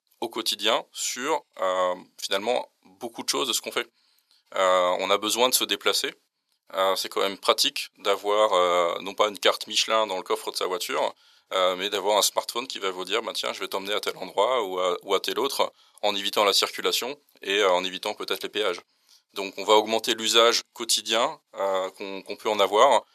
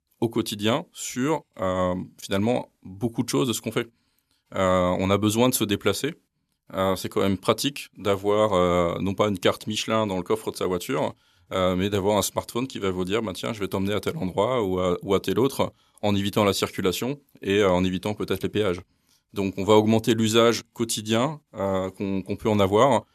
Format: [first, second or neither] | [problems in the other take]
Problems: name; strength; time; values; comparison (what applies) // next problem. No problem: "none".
second | thin; very; fading below 650 Hz